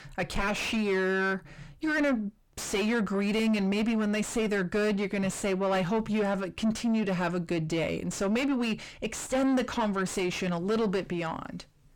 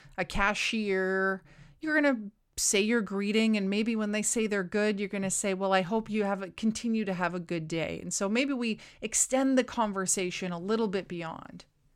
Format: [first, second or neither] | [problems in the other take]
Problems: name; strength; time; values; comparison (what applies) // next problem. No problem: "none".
second | distortion; heavy; 5 dB below the speech